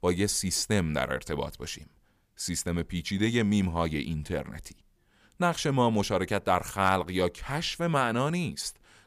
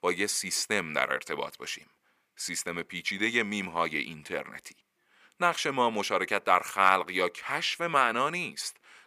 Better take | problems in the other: first | thin; somewhat; fading below 300 Hz

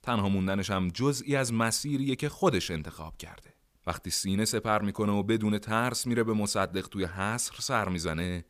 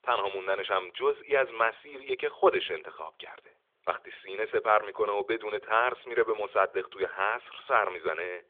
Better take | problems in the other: first | phone-call audio; nothing above 3.5 kHz

